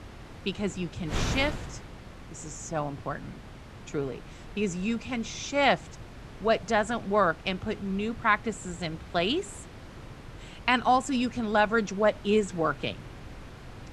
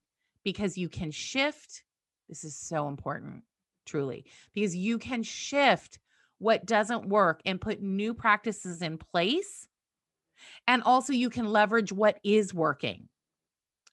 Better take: second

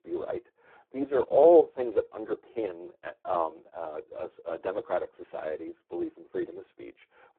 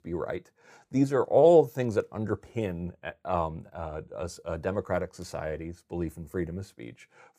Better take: second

